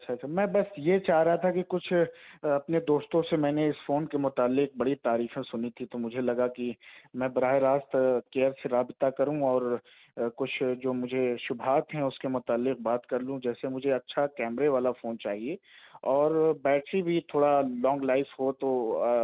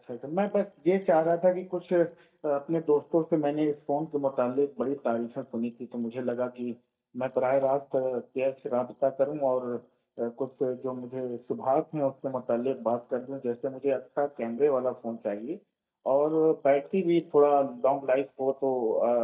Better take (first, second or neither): first